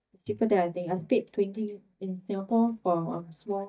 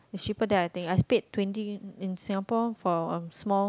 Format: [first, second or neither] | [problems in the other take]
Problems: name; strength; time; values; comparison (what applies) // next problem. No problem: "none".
second | noise reduction (neural mask model DeepFilterNet 3)